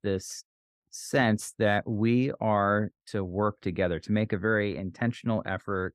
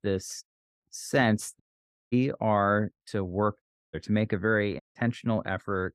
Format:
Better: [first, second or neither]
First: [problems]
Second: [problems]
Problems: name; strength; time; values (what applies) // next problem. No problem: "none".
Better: first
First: none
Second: audio cutting out; at 1.5 s for 0.5 s, at 3.5 s and at 5 s